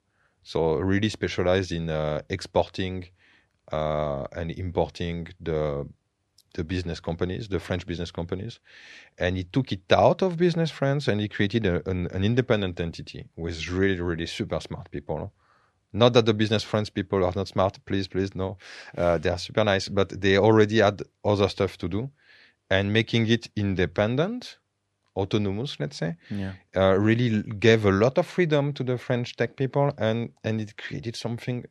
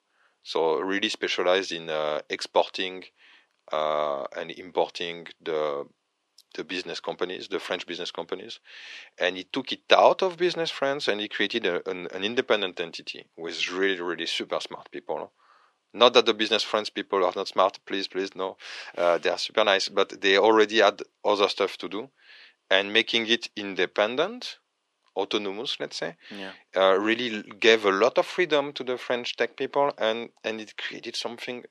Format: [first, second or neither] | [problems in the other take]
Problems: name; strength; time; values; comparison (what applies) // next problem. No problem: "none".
first | thin; somewhat; fading below 300 Hz